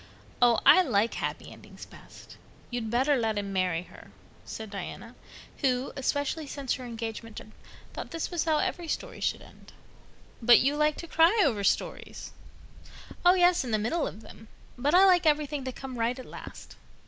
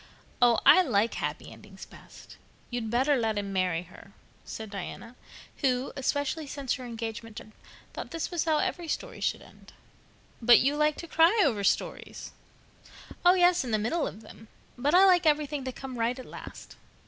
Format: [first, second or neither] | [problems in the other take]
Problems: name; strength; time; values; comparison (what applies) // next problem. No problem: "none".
second | background sound (Mechanical fan); 16 dB below the speech